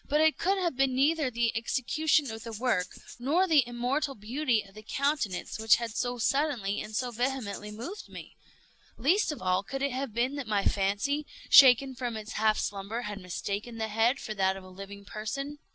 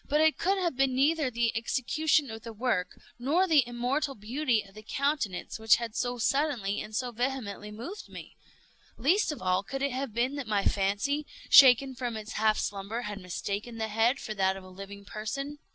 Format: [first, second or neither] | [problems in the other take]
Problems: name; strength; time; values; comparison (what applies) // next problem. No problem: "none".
second | background sound (Rattle (instrument)); 14 dB below the speech